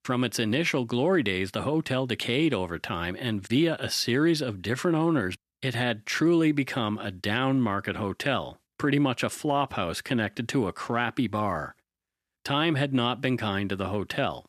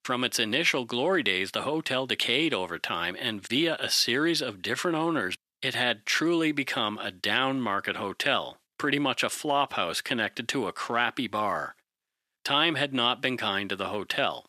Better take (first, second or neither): first